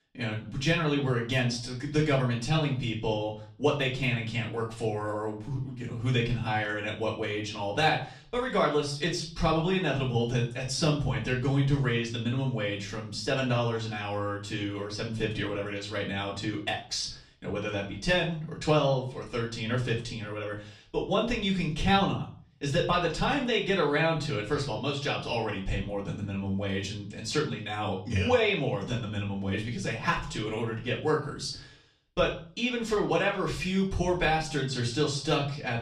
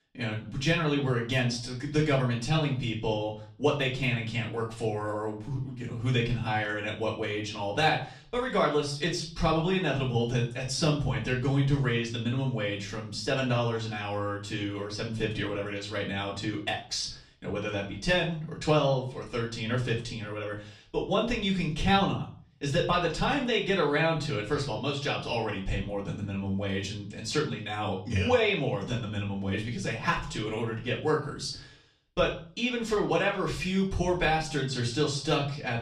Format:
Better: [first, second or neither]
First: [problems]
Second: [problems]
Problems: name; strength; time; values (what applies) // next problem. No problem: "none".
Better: neither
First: off-mic speech; far // room echo; slight; dies away in 0.4 s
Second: off-mic speech; far // room echo; slight; dies away in 0.4 s